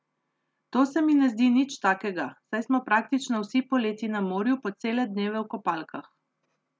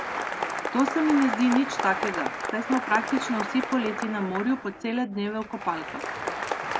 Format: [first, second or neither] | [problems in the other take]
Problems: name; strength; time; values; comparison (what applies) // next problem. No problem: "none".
first | background sound (Applause); 4 dB below the speech